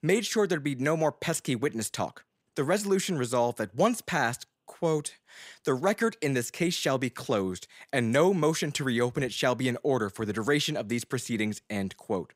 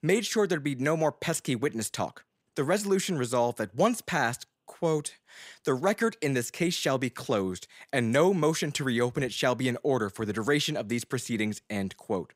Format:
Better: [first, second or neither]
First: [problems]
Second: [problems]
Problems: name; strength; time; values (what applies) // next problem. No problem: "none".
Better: neither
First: none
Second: none